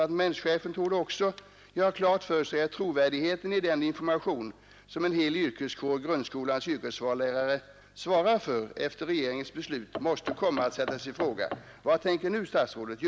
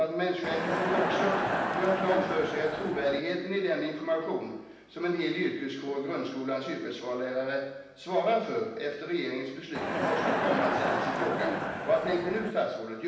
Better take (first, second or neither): first